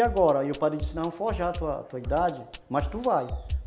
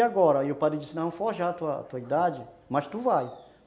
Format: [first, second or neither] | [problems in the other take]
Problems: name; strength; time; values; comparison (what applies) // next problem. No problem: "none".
second | background sound (Drum kit); 8 dB below the speech